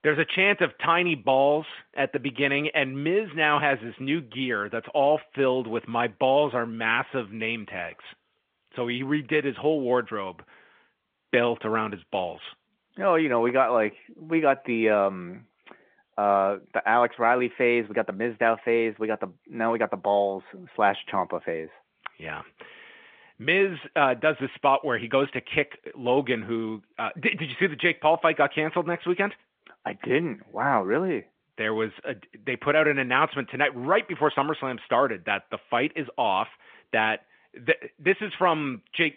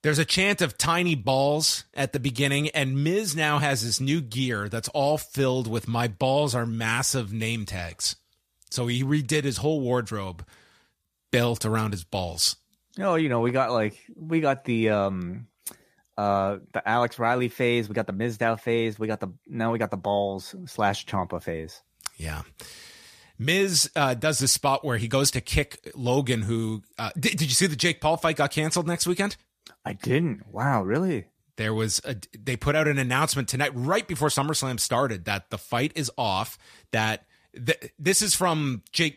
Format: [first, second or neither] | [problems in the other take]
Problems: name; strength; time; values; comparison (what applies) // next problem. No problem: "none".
second | phone-call audio; nothing above 3.5 kHz